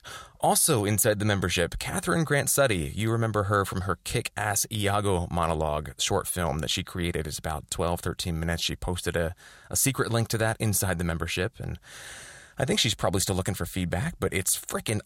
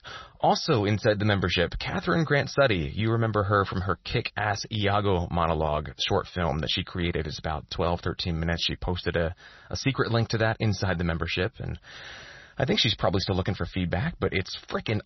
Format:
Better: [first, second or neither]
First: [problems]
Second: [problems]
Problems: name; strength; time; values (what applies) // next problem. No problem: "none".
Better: first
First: none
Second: garbled, watery; slightly; nothing above 6 kHz